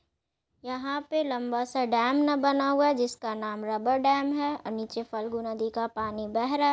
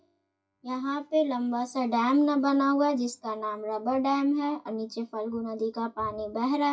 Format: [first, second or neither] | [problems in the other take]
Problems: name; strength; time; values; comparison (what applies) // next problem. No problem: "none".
first | noise reduction (classical method WPE with log-MMSE)